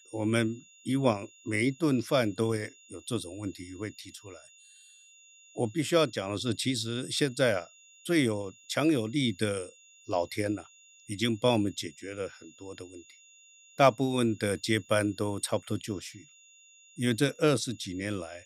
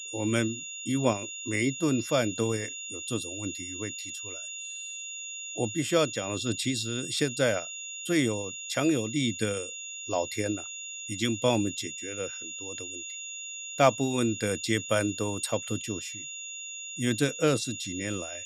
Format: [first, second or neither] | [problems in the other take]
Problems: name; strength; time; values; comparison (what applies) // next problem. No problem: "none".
first | high-pitched whine; loud; throughout; 7 kHz, 7 dB below the speech; faint in the first